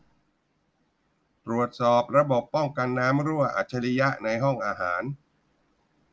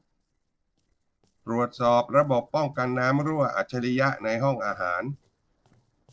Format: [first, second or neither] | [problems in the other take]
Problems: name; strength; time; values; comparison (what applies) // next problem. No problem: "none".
first | noise reduction (neural separator model SepFormer DNS4)